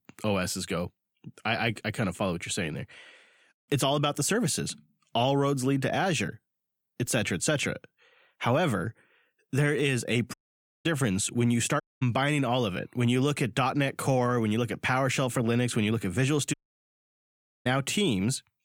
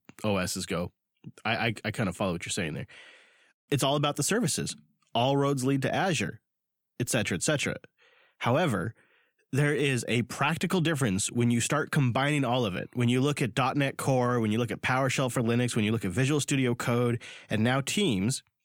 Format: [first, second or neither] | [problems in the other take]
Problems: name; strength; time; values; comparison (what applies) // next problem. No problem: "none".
second | audio cutting out; at 10 s for 0.5 s, at 12 s and at 17 s for 1 s